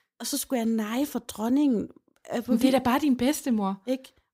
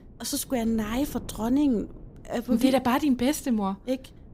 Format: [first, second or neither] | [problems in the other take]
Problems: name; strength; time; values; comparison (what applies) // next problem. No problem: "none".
first | wind noise on the microphone; occasional gusts; 25 dB below the speech